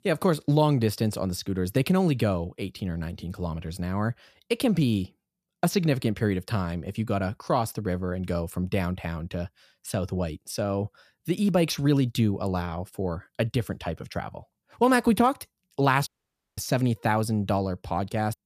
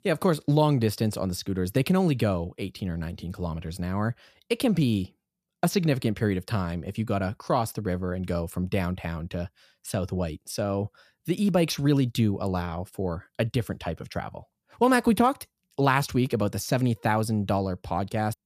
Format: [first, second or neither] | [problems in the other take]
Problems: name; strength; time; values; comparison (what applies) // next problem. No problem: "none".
second | audio cutting out; at 16 s for 0.5 s